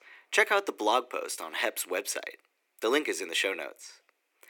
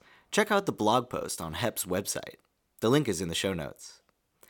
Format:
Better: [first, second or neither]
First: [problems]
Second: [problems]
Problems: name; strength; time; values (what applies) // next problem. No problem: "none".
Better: second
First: thin; somewhat; fading below 300 Hz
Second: none